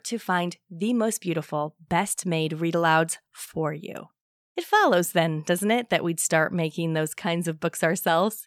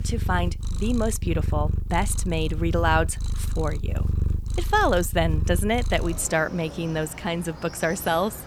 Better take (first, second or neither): first